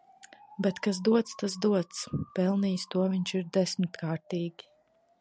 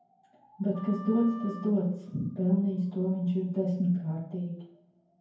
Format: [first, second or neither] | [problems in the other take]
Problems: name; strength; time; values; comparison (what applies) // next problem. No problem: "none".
first | background sound (Wind instrument, woodwind instrument); 18 dB below the speech // room echo; dies away in 0.9 s